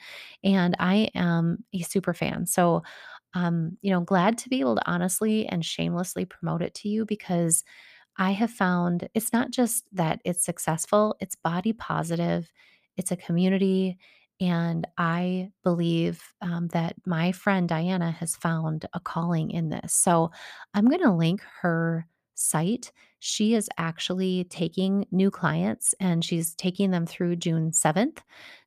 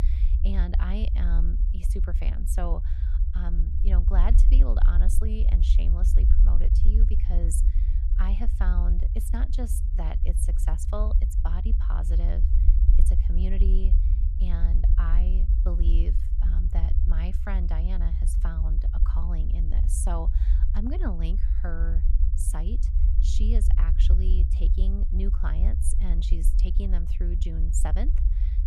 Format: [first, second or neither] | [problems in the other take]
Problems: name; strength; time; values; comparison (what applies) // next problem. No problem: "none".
first | low rumble; loud; throughout; 5 dB below the speech